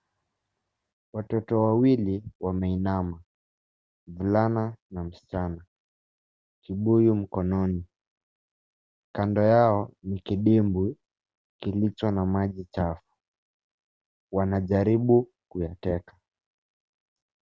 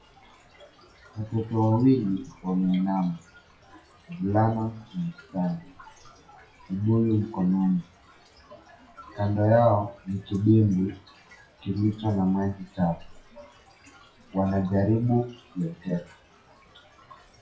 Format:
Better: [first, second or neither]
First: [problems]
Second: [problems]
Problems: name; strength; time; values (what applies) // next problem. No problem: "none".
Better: first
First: none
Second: noise reduction (classical method WPE with log-MMSE)